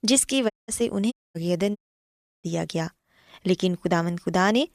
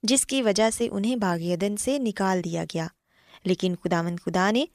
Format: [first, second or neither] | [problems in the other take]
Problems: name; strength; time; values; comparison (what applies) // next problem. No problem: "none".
second | audio cutting out; at 0.5 s, at 1 s and at 2 s for 0.5 s